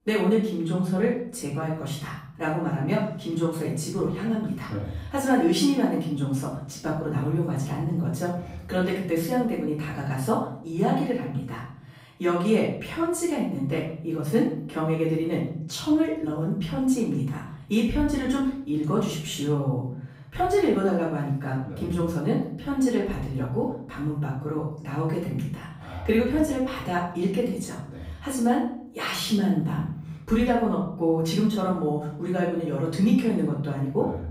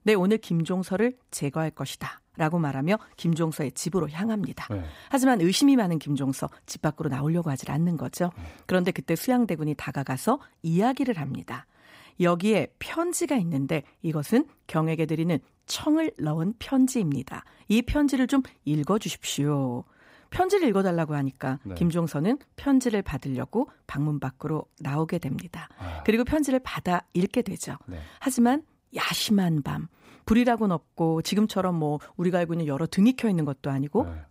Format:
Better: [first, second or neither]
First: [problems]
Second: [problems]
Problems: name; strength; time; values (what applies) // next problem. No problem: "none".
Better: second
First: off-mic speech; far // room echo; noticeable; dies away in 0.7 s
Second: none